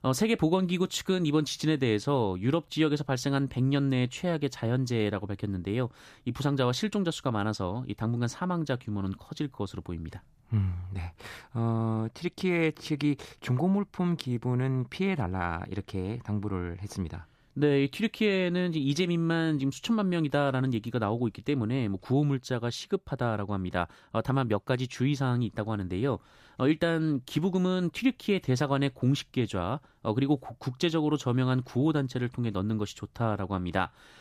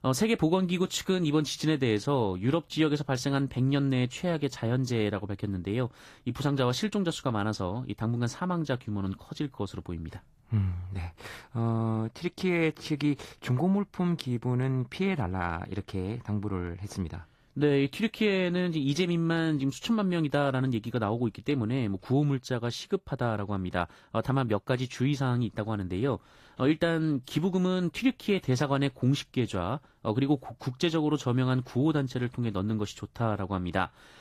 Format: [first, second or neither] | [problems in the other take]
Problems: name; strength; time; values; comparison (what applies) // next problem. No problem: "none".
first | garbled, watery; slightly; nothing above 14.5 kHz